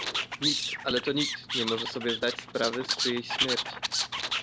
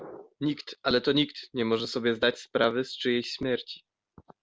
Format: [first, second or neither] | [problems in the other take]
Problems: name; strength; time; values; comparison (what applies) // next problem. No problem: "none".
second | background sound (Animal); 1 dB above the speech